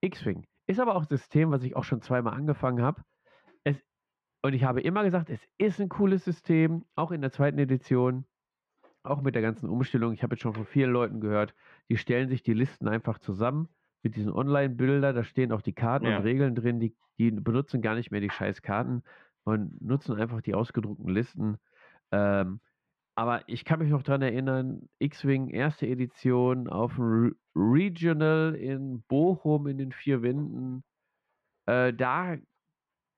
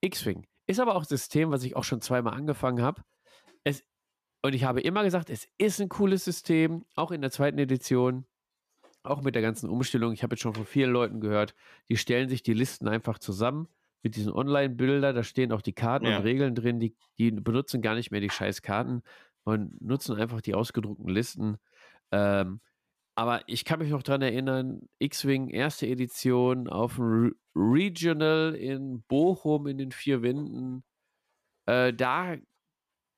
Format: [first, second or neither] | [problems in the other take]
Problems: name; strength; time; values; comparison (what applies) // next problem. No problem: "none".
second | muffled; very; fading above 2 kHz